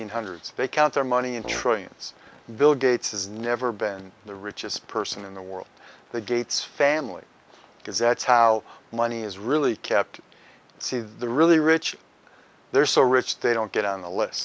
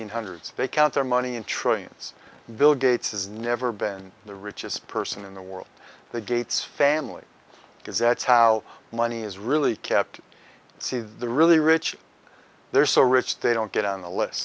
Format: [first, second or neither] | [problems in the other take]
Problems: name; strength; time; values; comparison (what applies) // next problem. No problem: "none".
second | background sound (Brass instrument); 15 dB below the speech